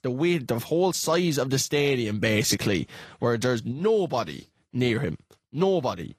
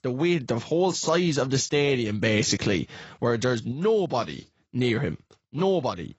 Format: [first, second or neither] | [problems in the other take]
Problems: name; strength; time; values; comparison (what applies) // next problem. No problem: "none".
first | garbled, watery; badly; nothing above 7.5 kHz; slightly in the first